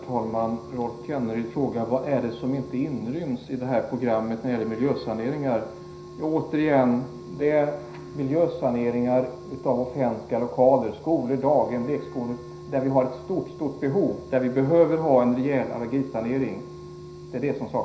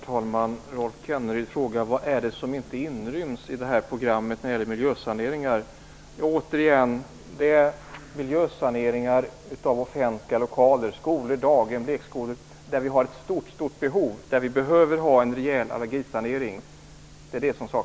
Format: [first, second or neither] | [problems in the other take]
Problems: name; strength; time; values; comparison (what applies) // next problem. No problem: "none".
second | background sound (Wind instrument, woodwind instrument); 18 dB below the speech // room echo; dies away in 0.5 s